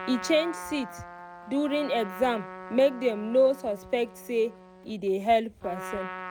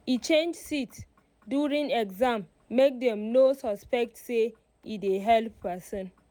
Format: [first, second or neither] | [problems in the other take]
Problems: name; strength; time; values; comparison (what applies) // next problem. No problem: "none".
second | background sound (Trumpet); 14 dB below the speech